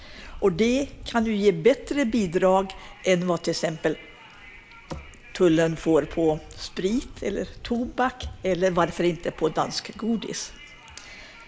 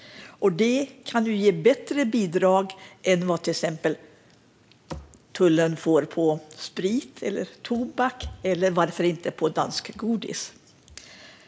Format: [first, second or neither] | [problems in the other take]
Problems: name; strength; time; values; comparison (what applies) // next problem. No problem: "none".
second | background sound (Wind); 19 dB below the speech